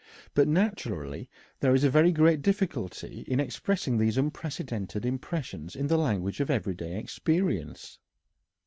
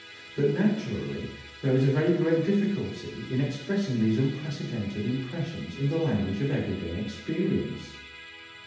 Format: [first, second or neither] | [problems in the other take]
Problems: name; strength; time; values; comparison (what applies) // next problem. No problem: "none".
first | background sound (Musical instrument); 18 dB below the speech // room echo; dies away in 0.8 s